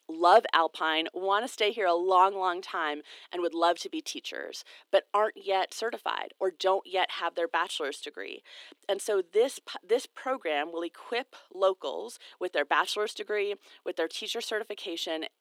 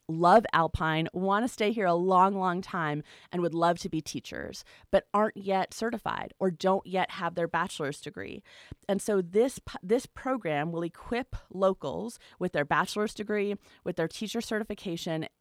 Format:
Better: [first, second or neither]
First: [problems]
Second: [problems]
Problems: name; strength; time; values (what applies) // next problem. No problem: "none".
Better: second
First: thin; very; fading below 300 Hz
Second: none